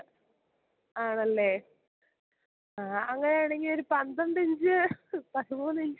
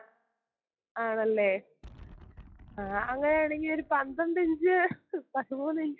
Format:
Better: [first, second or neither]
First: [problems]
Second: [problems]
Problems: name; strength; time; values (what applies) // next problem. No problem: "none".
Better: first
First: none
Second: noise reduction (classical method log-MMSE)